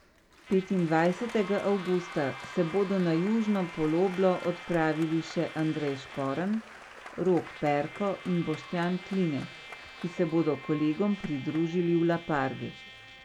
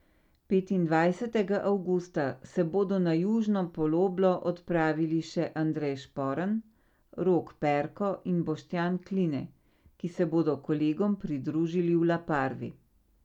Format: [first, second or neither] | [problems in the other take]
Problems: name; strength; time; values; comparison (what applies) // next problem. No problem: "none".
second | background sound (Trumpet + Applause); 15 dB below the speech